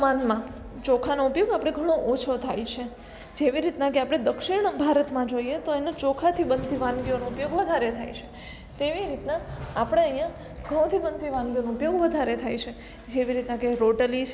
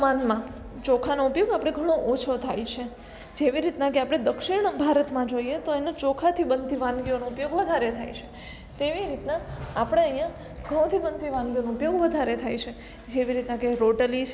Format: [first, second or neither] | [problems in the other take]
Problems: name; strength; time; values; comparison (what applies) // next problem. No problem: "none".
second | background sound (Engine); 14 dB below the speech